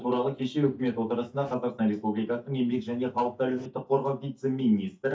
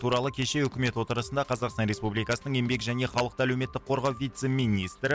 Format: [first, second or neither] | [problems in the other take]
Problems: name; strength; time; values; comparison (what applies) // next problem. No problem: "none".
second | noise reduction (neural mask model DeepFilterNet 3)